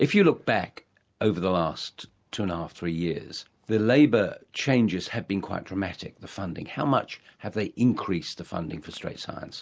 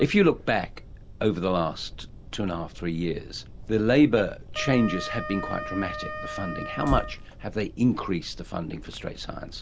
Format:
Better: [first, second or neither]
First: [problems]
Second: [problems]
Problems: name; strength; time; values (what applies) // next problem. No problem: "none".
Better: first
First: none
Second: background sound (Fire + Wind instrument, woodwind instrument); 10 dB below the speech